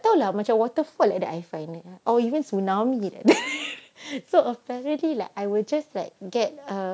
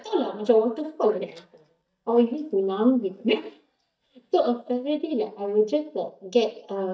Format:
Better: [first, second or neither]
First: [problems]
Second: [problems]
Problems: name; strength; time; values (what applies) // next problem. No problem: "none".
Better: first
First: none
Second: noise reduction (neural mask model DeepFilterNet 3)